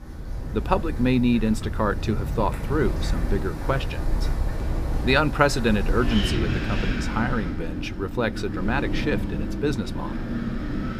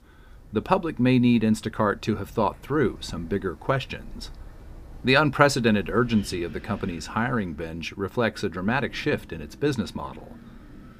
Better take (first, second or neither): second